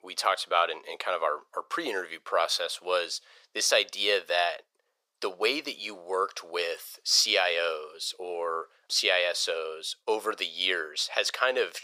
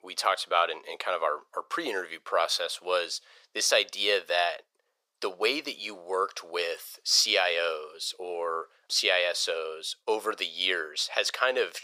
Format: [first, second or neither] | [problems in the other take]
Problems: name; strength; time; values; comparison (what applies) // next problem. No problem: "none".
neither | thin; very; fading below 500 Hz; the same in both